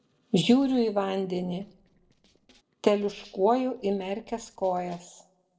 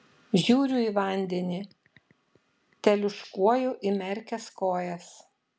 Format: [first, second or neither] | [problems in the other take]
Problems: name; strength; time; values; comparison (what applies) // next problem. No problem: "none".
second | noise reduction (neural separator model SepFormer DNS4)